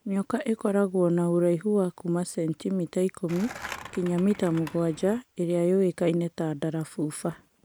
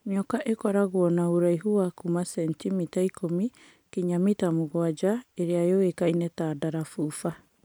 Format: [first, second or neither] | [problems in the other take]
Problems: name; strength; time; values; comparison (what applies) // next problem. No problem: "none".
second | background sound (Skateboard); 15 dB below the speech